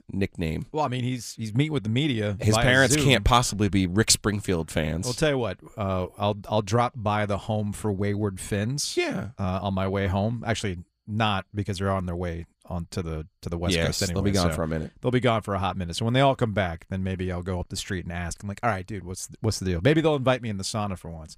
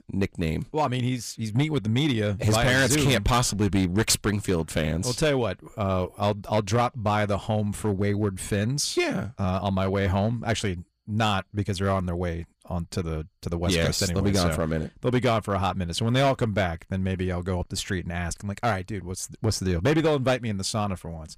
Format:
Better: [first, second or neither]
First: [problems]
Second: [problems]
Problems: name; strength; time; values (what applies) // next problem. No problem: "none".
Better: first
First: none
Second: distortion; slight; 4% of the sound clipped